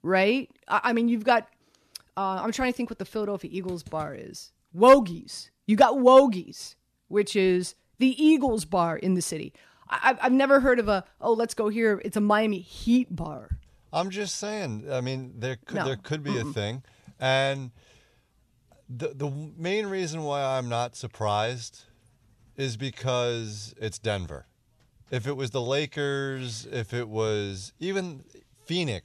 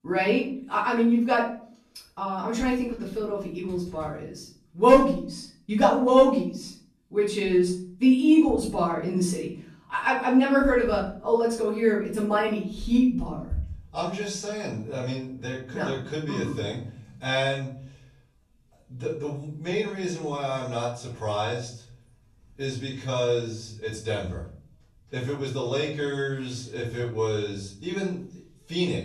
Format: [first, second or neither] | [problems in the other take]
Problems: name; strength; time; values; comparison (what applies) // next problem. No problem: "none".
first | off-mic speech; far // room echo; noticeable; dies away in 0.5 s